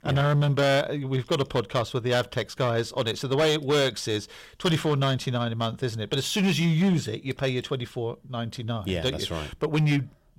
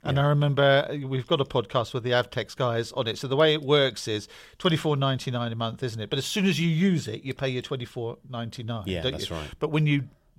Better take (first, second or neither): second